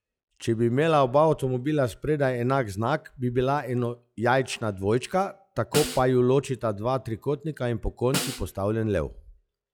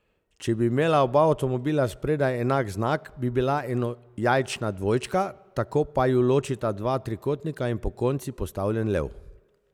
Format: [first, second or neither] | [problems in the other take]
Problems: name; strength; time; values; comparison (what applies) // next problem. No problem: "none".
second | noise reduction (classical method log-MMSE)